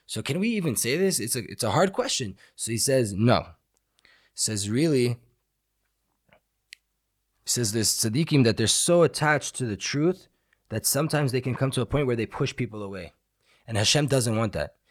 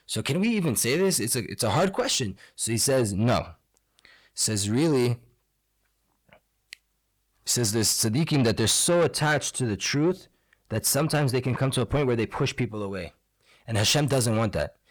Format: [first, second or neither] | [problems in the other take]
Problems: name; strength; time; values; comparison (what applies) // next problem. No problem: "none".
first | distortion; slight; 10 dB below the speech